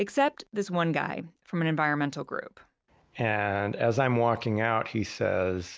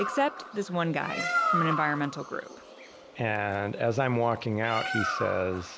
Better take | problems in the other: first | background sound (Bird); 4 dB below the speech

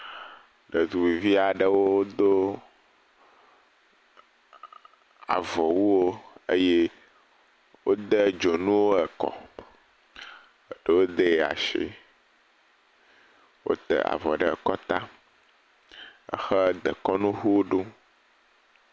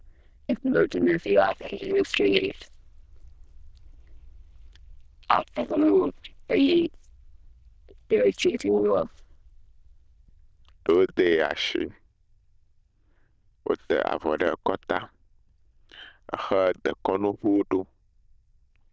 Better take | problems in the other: first | noise reduction (neural diffusion model UNIVERSE++)

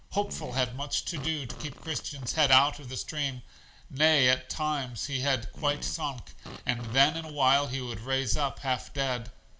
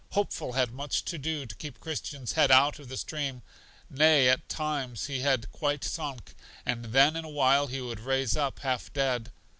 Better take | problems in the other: second | background sound (Fart); 17 dB below the speech // room echo; dies away in 0.5 s

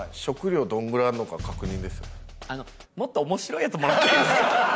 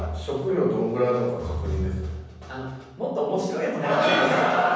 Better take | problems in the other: first | room echo; dies away in 1.1 s

